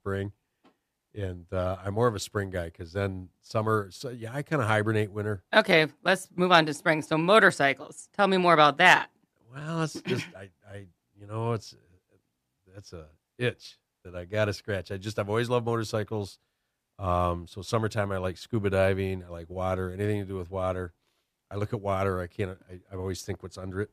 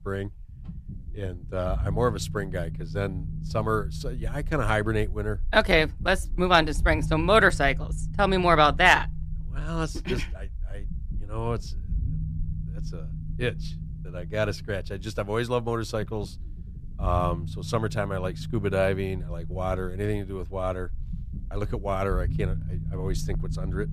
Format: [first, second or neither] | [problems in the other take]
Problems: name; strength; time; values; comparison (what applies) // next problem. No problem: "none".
first | low rumble; faint; throughout; 25 dB below the speech